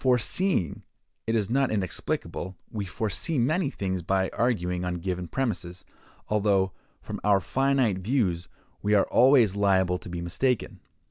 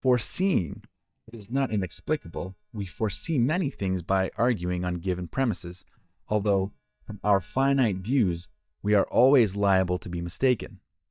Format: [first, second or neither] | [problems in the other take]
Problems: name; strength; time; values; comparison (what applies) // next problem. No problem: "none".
first | noise reduction (neural mask model DeepFilterNet 3)